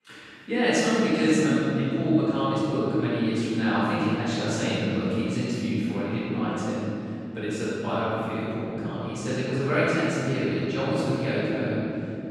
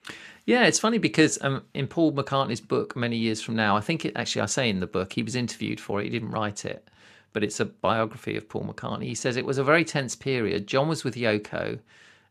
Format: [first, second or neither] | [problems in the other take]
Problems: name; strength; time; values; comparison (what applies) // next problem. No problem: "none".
second | room echo; strong; dies away in 3 s // off-mic speech; far